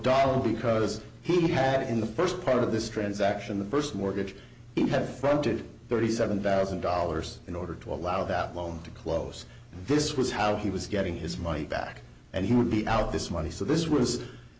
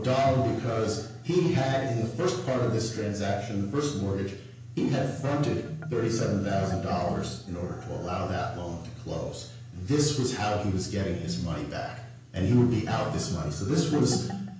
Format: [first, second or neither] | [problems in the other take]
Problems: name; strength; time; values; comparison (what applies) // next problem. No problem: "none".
first | background sound (Marimba, xylophone); 13 dB below the speech // room echo; dies away in 0.5 s